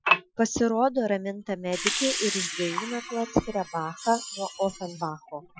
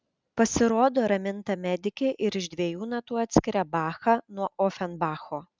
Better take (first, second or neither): second